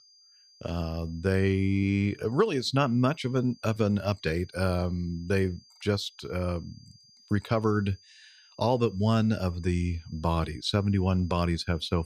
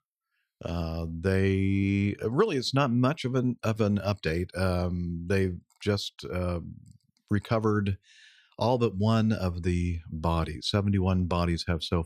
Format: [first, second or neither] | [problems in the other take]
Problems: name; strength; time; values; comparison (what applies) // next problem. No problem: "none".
second | high-pitched whine; faint; throughout; 5 kHz, 25 dB below the speech